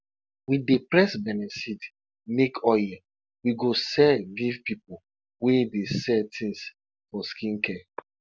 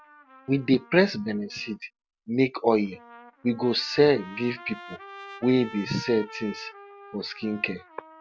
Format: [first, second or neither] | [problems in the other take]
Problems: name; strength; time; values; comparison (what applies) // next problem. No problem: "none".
first | background sound (Trumpet); 19 dB below the speech